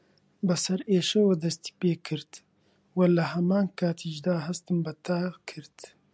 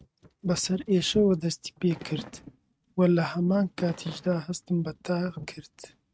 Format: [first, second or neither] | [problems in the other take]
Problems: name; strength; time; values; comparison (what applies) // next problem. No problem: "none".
first | noise reduction (neural mask model RNNoise)